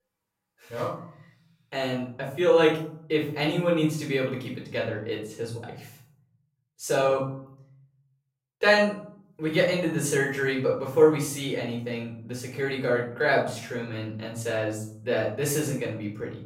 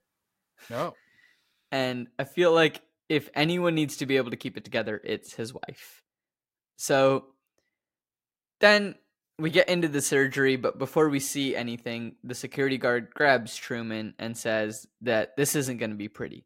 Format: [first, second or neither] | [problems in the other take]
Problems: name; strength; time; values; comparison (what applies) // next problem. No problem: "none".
second | off-mic speech; far // room echo; noticeable; dies away in 0.6 s